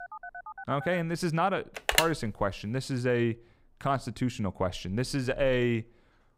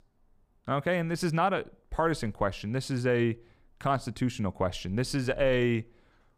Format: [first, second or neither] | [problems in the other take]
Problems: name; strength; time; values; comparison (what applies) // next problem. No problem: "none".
second | phone ringing; faint; at the start; peak 10 dB below the speech // phone ringing; loud; at 2 s; peak 4 dB above the speech